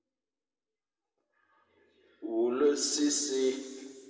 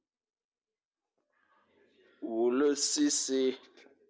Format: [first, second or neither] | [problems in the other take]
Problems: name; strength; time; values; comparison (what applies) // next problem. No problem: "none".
second | room echo; dies away in 2 s